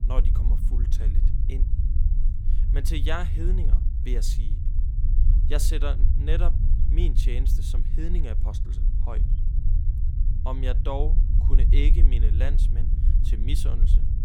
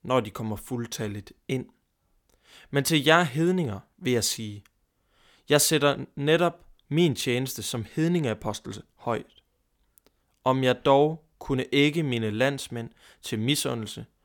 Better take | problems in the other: second | low rumble; loud; throughout; 8 dB below the speech

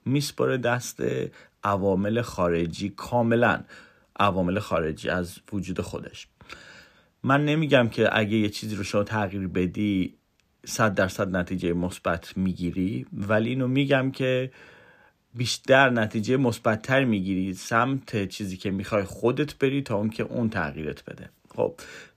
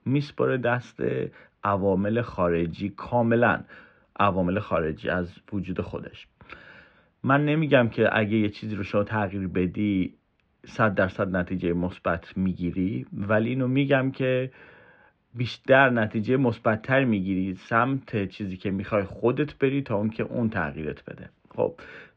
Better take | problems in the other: first | muffled; slightly; fading above 3 kHz

